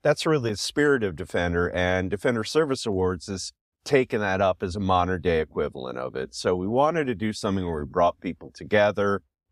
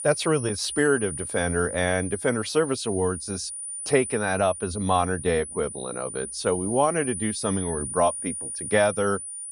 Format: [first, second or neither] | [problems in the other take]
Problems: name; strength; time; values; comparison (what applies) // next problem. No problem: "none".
first | high-pitched whine; loud; throughout; 9.5 kHz, 7 dB below the speech